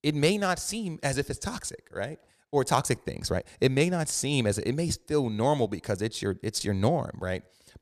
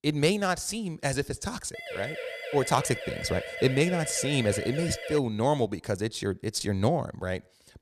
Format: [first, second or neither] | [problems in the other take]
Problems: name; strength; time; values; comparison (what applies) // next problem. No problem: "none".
first | siren; noticeable; from 1.5 to 5 s; peak 6 dB below the speech